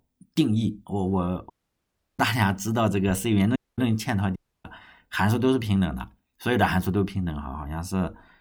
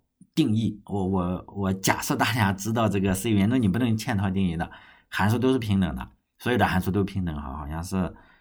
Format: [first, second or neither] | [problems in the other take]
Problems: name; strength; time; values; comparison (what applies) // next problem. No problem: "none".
second | audio cutting out; at 1.5 s for 0.5 s, at 3.5 s and at 4.5 s